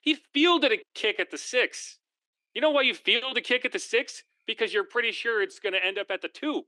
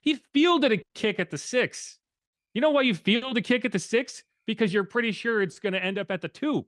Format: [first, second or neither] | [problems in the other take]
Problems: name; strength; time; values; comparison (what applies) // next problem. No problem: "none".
second | thin; somewhat; fading below 300 Hz